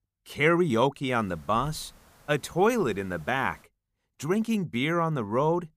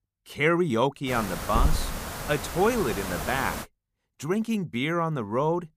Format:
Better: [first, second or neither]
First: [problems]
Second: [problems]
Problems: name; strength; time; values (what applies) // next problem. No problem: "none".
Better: first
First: hiss; faint; from 1 to 3.5 s; 30 dB below the speech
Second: hiss; loud; from 1 to 3.5 s; 5 dB below the speech